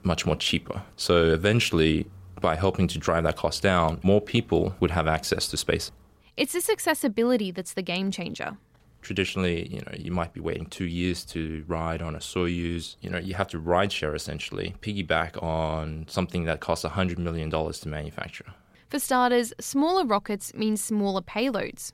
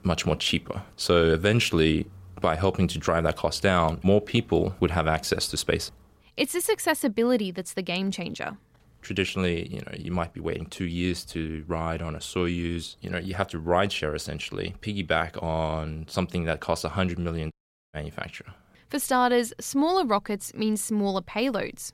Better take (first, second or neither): first